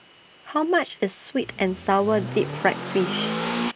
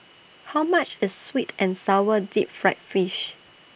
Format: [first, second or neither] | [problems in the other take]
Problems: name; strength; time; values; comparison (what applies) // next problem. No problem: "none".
second | background sound (Accelerating, revving, vroom / Car); 5 dB below the speech